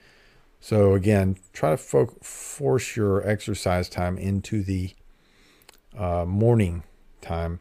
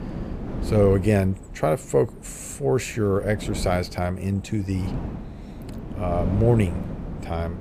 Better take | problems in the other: first | wind noise on the microphone; occasional gusts; 15 dB below the speech

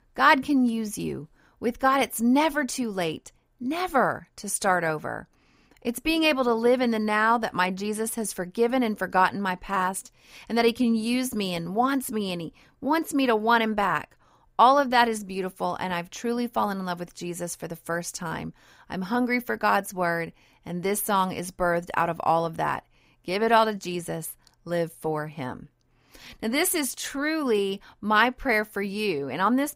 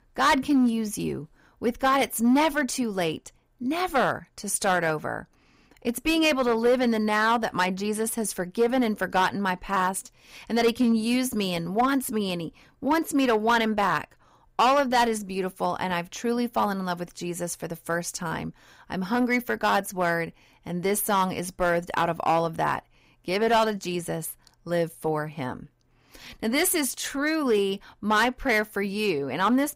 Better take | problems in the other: first | distortion; slight; 3% of the sound clipped

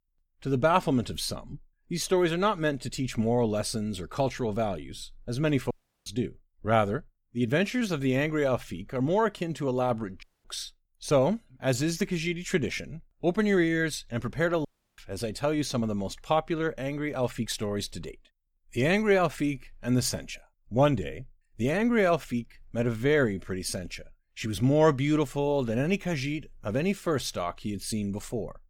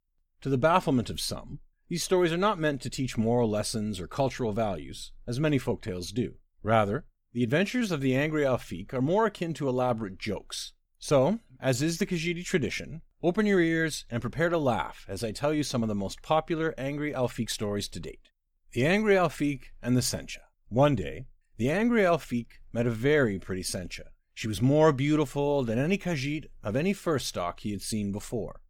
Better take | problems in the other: second | audio cutting out; at 5.5 s, at 10 s and at 15 s

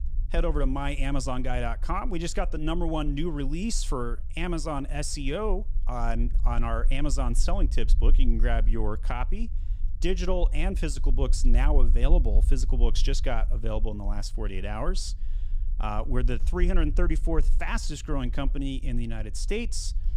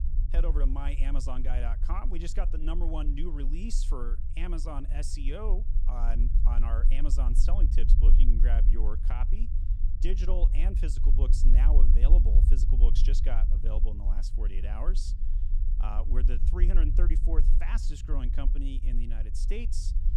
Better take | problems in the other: first | low rumble; loud; throughout; 8 dB below the speech; faint in the first

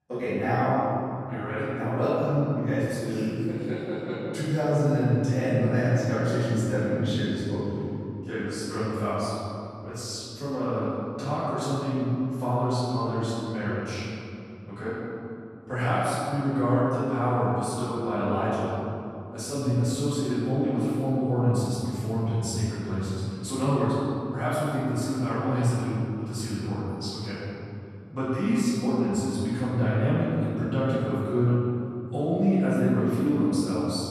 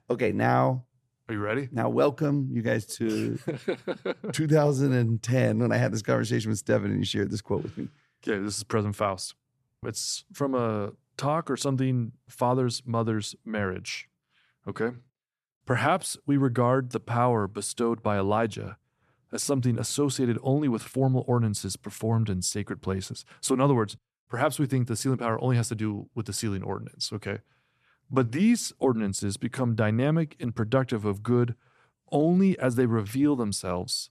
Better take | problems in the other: second | off-mic speech; far // room echo; strong; dies away in 2.8 s

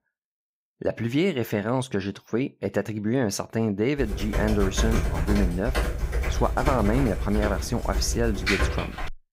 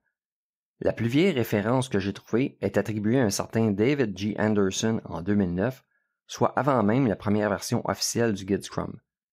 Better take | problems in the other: second | keyboard typing; loud; from 4 s on; peak 2 dB above the speech

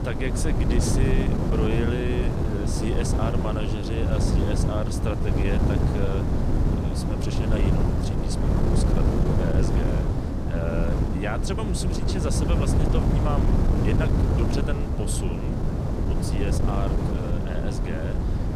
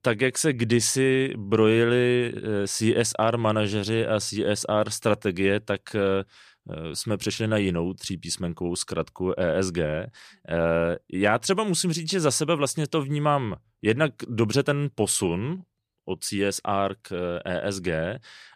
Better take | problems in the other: second | wind noise on the microphone; heavy; 1 dB above the speech

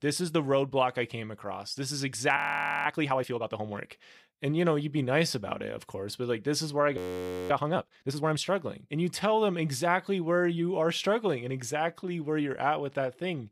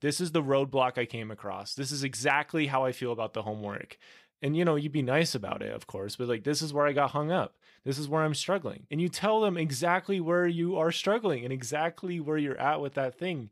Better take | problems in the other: second | audio freezing; at 2.5 s and at 7 s for 0.5 s

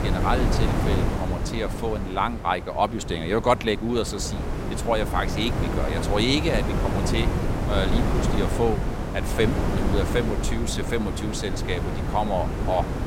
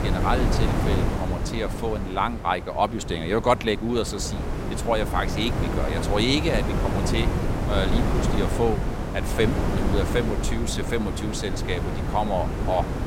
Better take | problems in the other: neither | wind noise on the microphone; heavy; 5 dB below the speech; the same in both

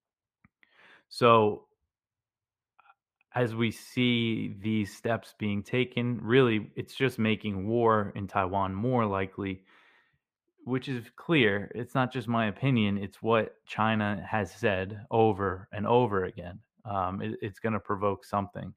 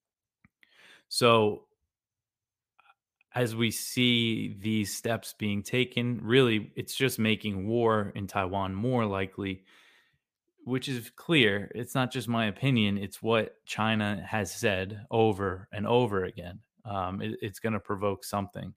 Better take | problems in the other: second | muffled; slightly; fading above 3.5 kHz

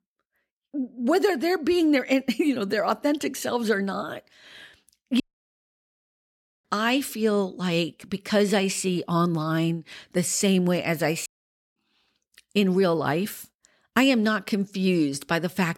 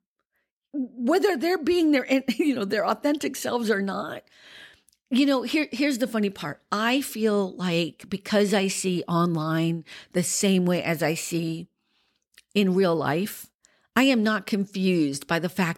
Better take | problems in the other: second | audio cutting out; at 5 s for 1.5 s and at 11 s for 0.5 s

